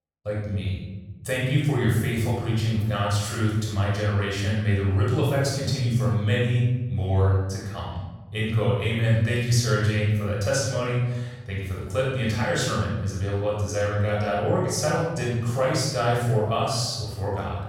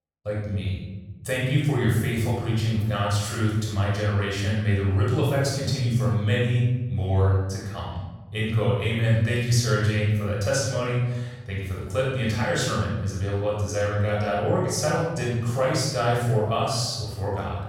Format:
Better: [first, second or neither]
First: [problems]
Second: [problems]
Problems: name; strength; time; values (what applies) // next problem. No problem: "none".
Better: neither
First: off-mic speech; far // room echo; strong; dies away in 1.5 s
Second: off-mic speech; far // room echo; strong; dies away in 1.5 s